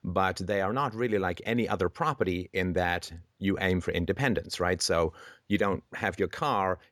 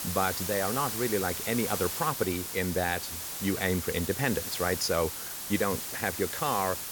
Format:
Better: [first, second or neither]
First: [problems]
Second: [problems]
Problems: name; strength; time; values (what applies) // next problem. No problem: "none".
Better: first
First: none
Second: hiss; loud; throughout; 3 dB below the speech